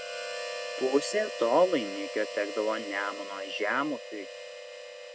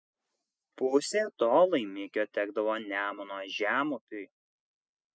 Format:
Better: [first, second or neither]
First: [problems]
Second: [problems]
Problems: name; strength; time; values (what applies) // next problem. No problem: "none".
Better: second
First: background sound (Harmonica); 8 dB below the speech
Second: none